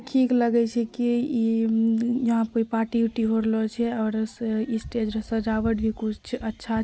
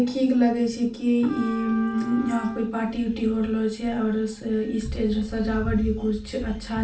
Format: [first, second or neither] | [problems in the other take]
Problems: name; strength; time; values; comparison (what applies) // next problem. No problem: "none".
first | background sound (Trumpet); 15 dB below the speech // room echo; dies away in 0.3 s